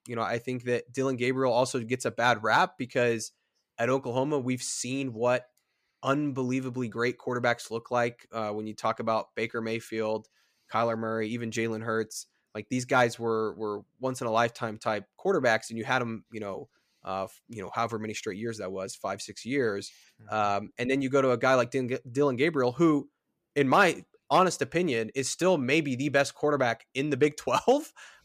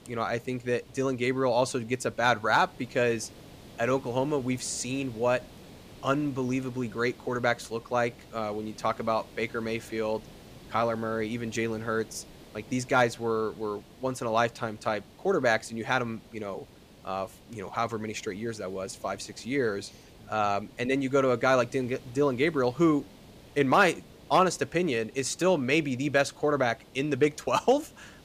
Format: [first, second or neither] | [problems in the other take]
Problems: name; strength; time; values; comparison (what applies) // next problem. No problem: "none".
first | hiss; faint; throughout; 20 dB below the speech